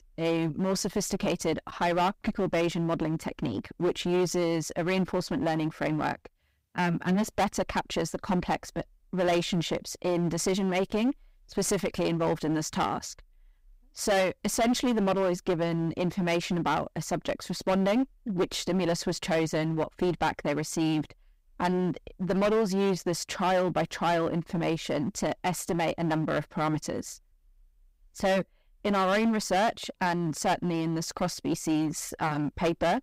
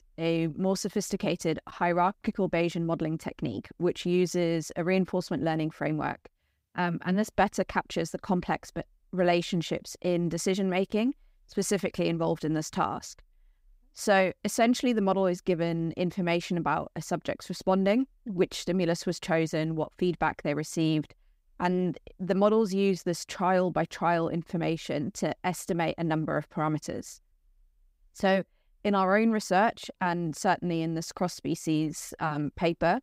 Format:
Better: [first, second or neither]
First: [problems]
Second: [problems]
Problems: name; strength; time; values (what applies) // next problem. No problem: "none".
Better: second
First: distortion; heavy; 12% of the sound clipped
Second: none